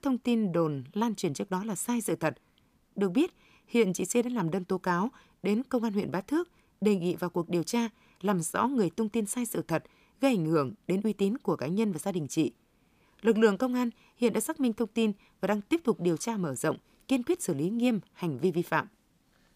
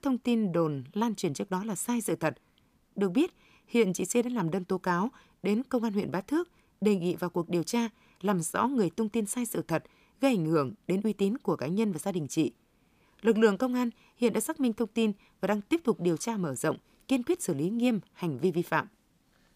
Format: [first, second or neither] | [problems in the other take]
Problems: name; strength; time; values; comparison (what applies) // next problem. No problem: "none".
neither | none